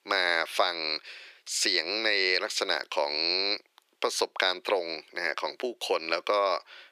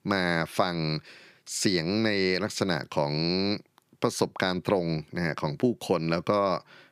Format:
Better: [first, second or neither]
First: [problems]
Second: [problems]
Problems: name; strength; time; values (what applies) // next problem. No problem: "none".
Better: second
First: thin; very; fading below 400 Hz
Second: none